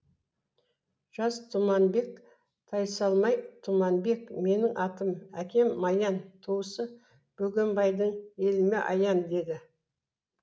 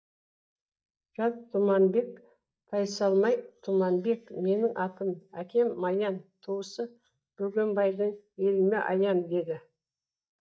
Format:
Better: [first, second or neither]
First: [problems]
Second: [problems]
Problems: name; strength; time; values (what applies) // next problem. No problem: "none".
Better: first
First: none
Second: noise reduction (neural mask model DeepFilterNet 3)